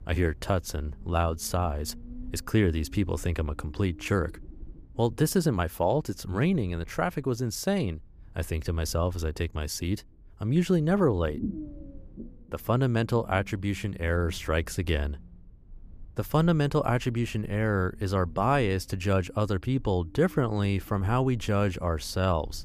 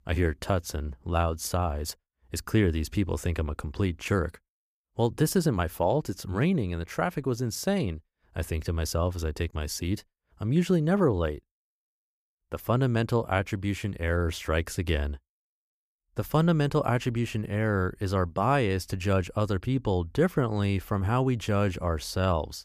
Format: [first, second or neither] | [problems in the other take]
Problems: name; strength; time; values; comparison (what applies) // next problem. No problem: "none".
second | low rumble; faint; throughout; 25 dB below the speech